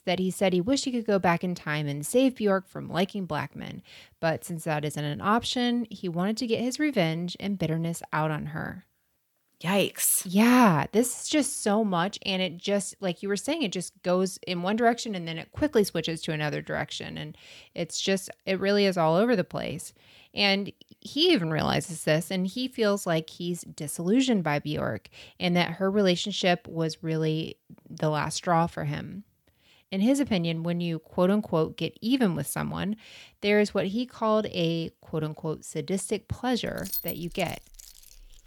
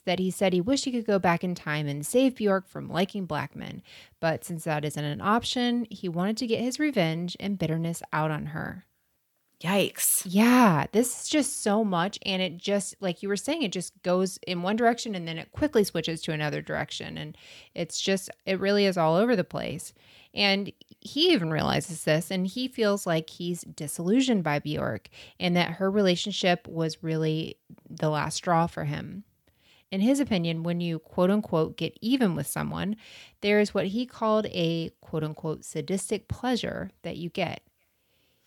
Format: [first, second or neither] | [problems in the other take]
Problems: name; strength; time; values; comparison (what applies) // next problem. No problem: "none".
second | jangling keys; noticeable; from 37 s on; peak 4 dB below the speech